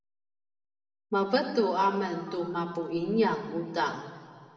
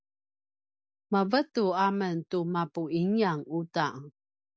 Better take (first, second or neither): second